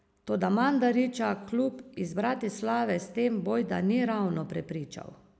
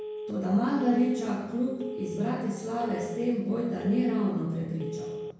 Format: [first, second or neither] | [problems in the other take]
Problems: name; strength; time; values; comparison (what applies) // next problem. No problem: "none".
first | background sound (Telephone); 10 dB below the speech // room echo; dies away in 1 s